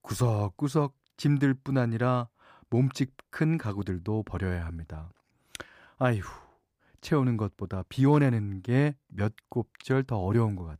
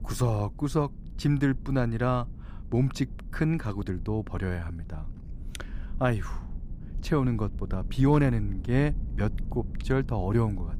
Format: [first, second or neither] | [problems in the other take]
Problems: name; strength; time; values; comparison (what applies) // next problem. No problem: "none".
first | low rumble; faint; throughout; 20 dB below the speech